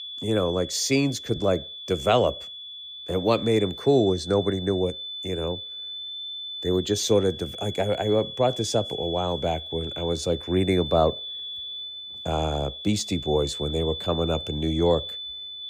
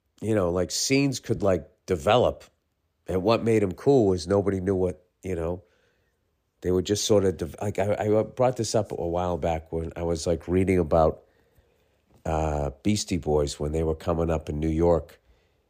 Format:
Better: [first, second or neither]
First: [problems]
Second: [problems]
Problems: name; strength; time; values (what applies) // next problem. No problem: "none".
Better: second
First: high-pitched whine; loud; throughout; 3.5 kHz, 9 dB below the speech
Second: none